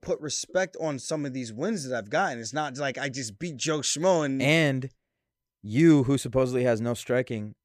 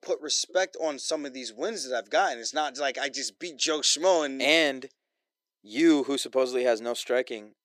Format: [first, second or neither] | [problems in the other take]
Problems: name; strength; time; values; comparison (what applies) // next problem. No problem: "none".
first | thin; somewhat; fading below 350 Hz